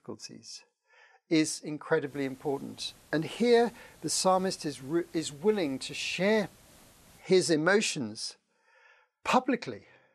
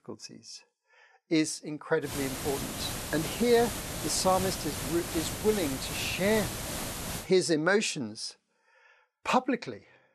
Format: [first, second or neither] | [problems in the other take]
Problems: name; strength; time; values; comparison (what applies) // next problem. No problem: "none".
first | hiss; loud; from 2 to 7 s; 5 dB below the speech; faint in the first